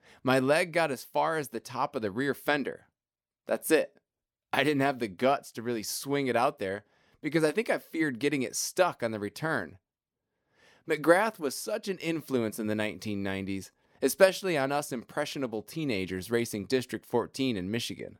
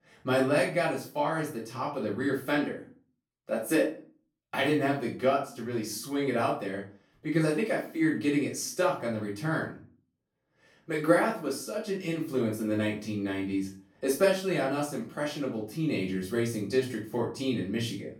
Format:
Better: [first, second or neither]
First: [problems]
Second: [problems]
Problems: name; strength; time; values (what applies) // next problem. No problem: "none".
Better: first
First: none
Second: off-mic speech; far // room echo; slight; dies away in 0.3 s